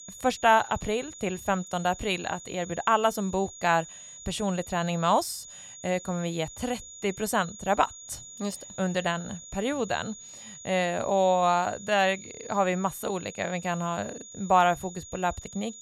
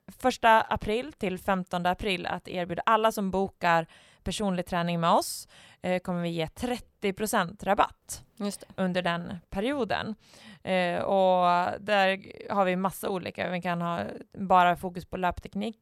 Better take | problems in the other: second | high-pitched whine; noticeable; throughout; 7 kHz, 15 dB below the speech

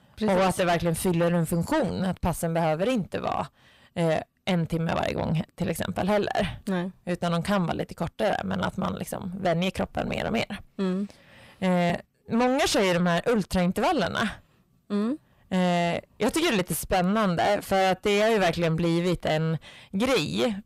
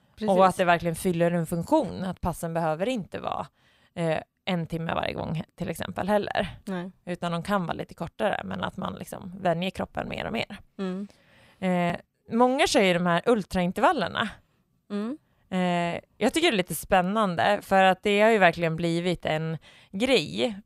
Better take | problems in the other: second | distortion; heavy; 6 dB below the speech

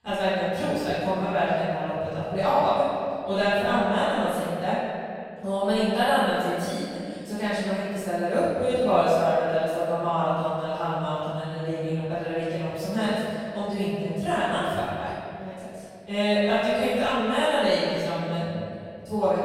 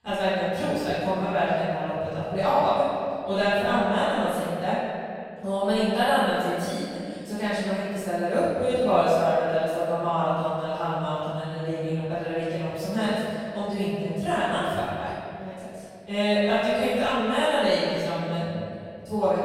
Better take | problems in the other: neither | room echo; strong; dies away in 2.3 s; the same in both // off-mic speech; far; the same in both

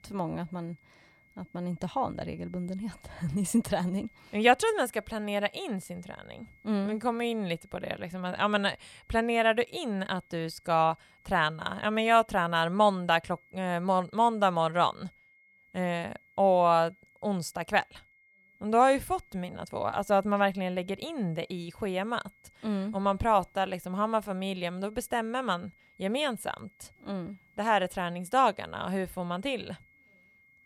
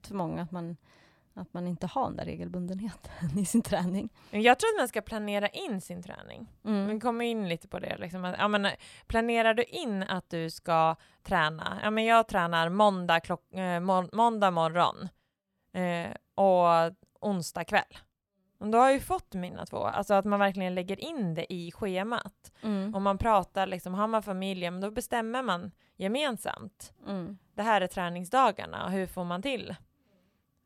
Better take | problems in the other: second | high-pitched whine; faint; throughout; 2 kHz, 30 dB below the speech

